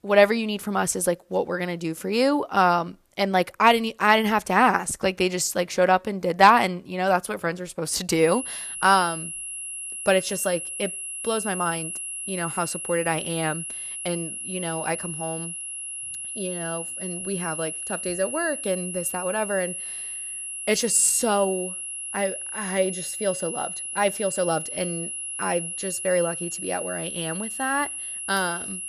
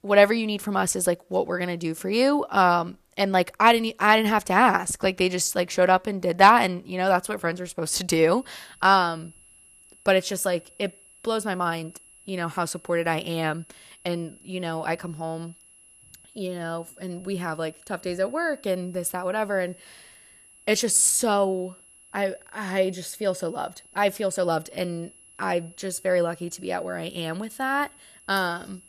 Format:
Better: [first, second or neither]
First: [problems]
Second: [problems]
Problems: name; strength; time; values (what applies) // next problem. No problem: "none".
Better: second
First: high-pitched whine; loud; from 8 s on; 11 kHz, 6 dB below the speech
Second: high-pitched whine; faint; from 8 s on; 11 kHz, 25 dB below the speech